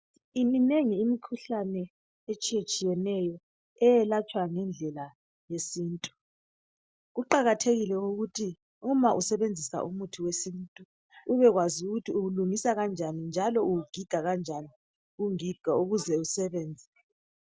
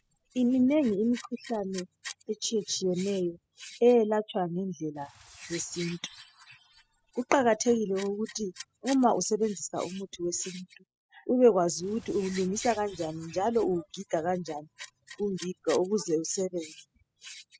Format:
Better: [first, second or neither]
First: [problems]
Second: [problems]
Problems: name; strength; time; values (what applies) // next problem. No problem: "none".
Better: first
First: none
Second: noise reduction (classical method spectral subtraction)